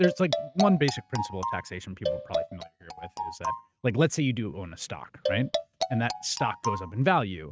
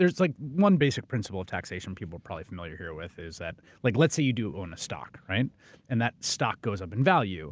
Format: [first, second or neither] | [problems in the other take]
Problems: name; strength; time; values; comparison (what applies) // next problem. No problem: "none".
second | noise reduction (neural mask model RNNoise)